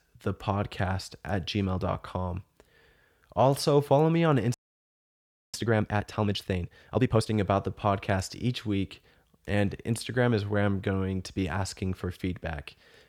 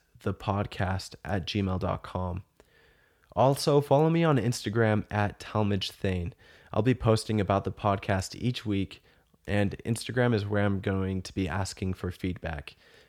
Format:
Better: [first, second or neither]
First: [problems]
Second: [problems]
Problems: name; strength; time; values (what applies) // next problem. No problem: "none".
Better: second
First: audio freezing; at 4.5 s for 1 s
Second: none